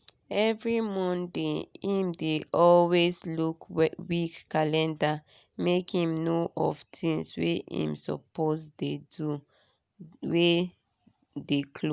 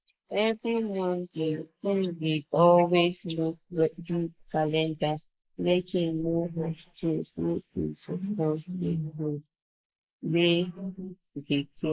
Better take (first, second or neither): first